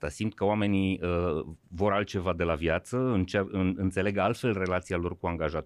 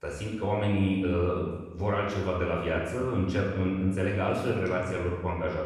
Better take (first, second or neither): first